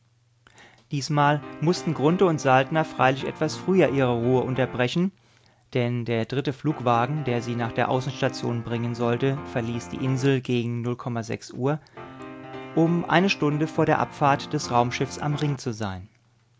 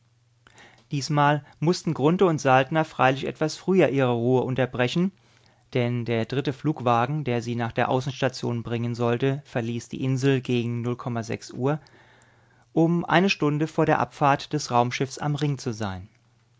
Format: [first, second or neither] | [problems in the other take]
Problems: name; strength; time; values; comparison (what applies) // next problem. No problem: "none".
second | background sound (Piano); 14 dB below the speech